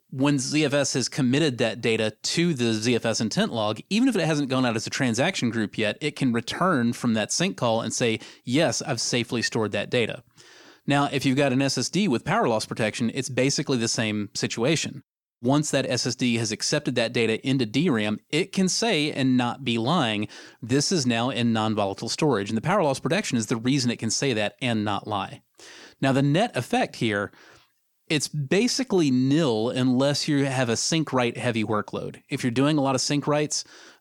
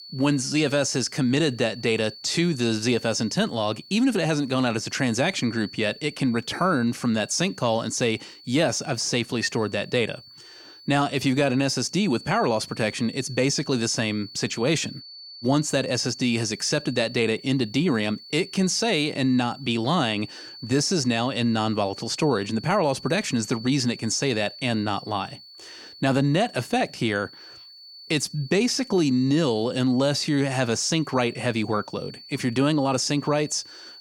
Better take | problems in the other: first | high-pitched whine; noticeable; throughout; 4.5 kHz, 20 dB below the speech

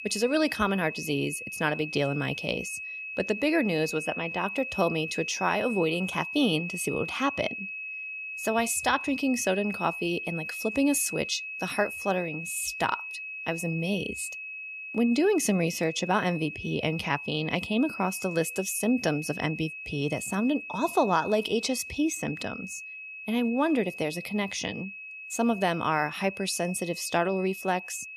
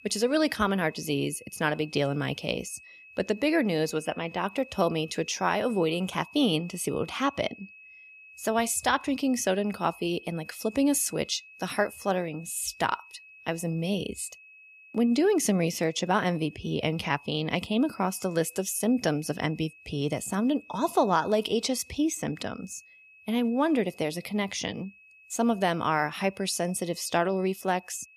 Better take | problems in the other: second | high-pitched whine; loud; throughout; 2.5 kHz, 8 dB below the speech; faint in the second

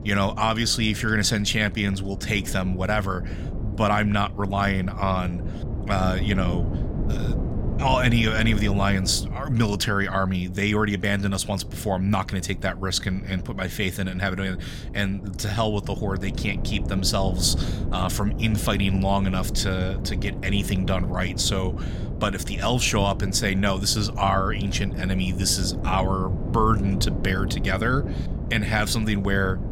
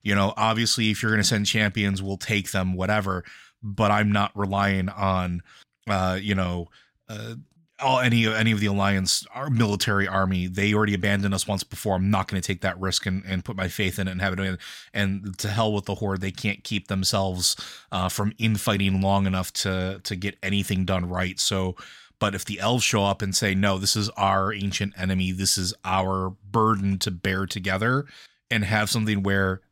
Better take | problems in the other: second | wind noise on the microphone; occasional gusts; 15 dB below the speech

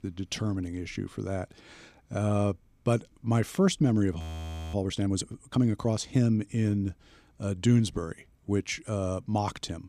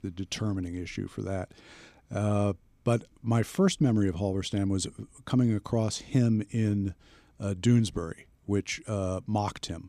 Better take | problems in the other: second | audio freezing; at 4 s for 0.5 s

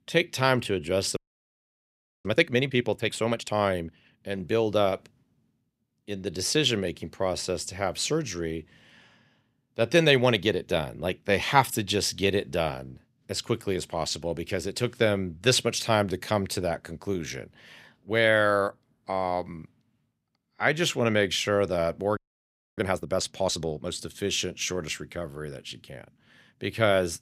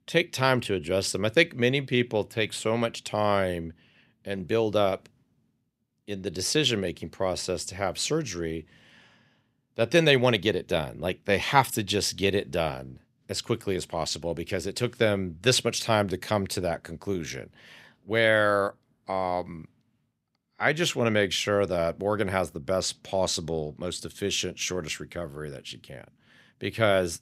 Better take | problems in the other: second | audio freezing; at 1 s for 1 s and at 22 s for 0.5 s

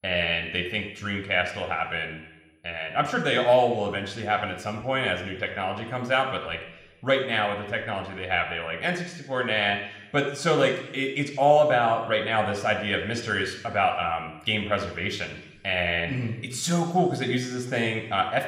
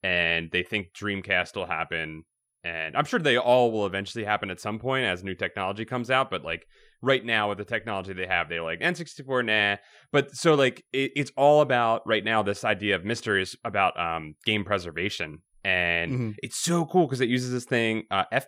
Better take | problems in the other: second | room echo; slight; dies away in 0.9 s

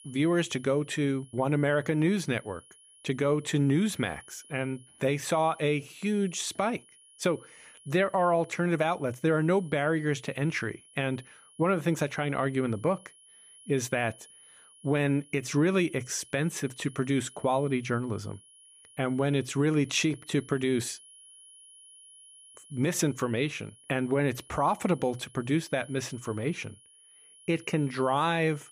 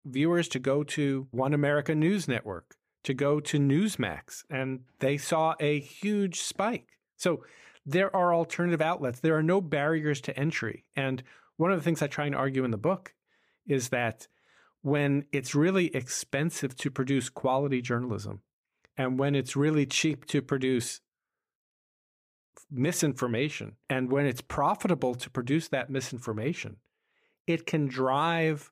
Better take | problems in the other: second | high-pitched whine; faint; throughout; 10.5 kHz, 25 dB below the speech

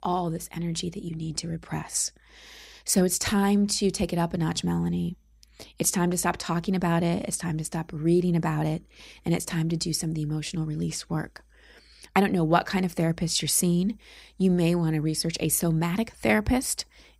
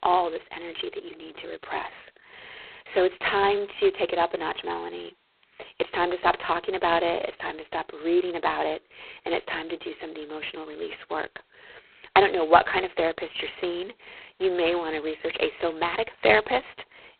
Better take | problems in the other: first | phone-call audio; poor line; nothing above 4 kHz

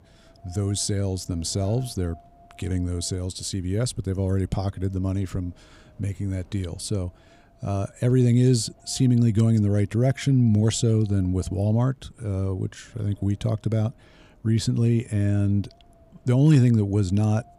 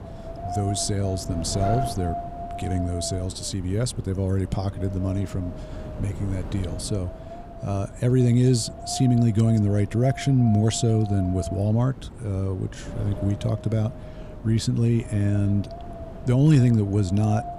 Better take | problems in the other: first | wind noise on the microphone; heavy; 6 dB below the speech; occasional gusts in the first

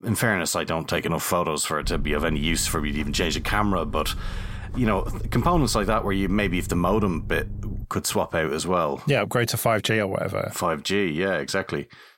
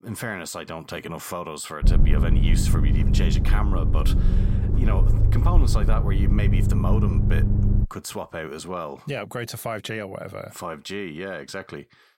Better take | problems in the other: first | low rumble; loud; from 2 to 8 s; 3 dB below the speech; faint in the first

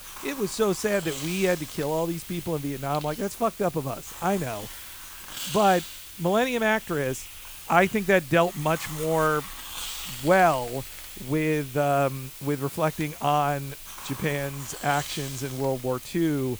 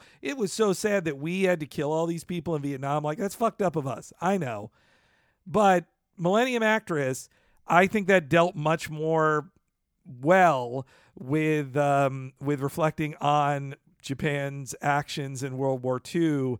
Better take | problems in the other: second | hiss; noticeable; throughout; 10 dB below the speech

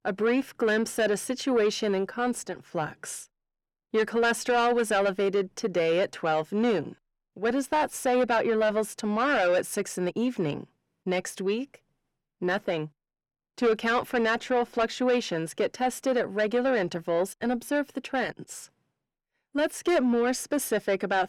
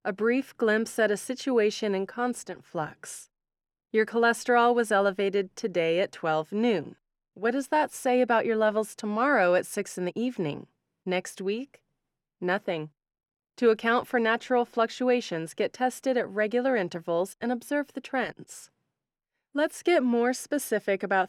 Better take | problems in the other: second | distortion; slight; 10 dB below the speech

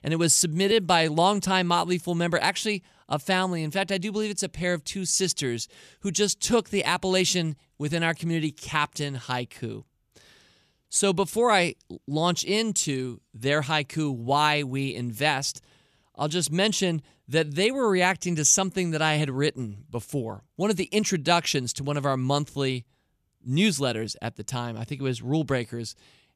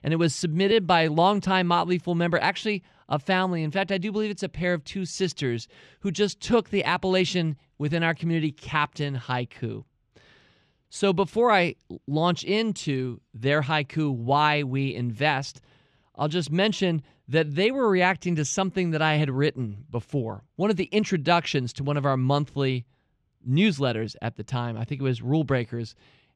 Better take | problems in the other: first | muffled; slightly; fading above 3.5 kHz

